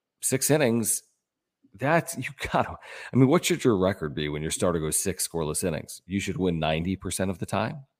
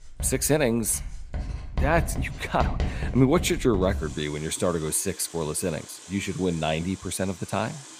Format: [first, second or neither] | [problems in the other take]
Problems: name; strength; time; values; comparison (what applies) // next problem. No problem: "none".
first | household noises; loud; throughout; 9 dB below the speech